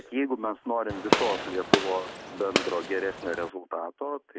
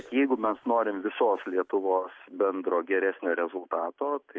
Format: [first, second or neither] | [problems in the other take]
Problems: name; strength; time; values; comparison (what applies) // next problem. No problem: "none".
second | background sound (Gunshot, gunfire); 2 dB above the speech